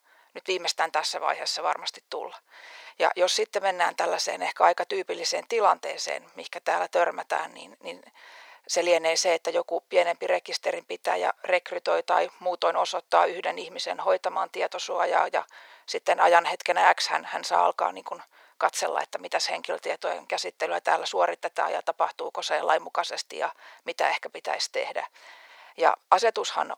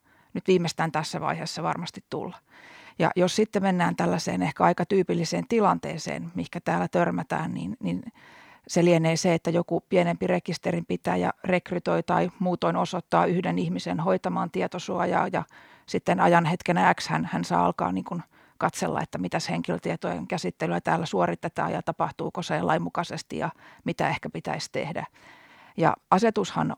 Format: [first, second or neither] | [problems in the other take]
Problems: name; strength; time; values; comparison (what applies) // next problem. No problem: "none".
second | thin; very; fading below 500 Hz